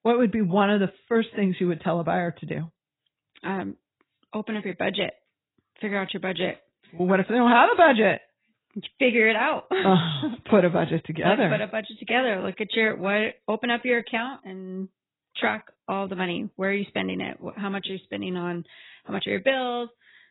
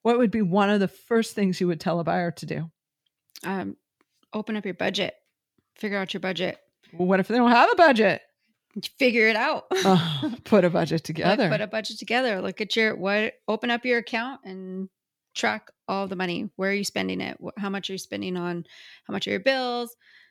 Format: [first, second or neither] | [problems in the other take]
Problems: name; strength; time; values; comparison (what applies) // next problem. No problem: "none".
second | garbled, watery; badly; nothing above 4 kHz